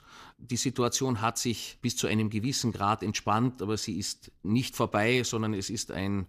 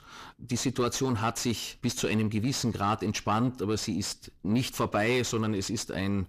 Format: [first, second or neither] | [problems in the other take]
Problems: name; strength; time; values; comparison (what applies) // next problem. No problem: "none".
first | distortion; slight; 9 dB below the speech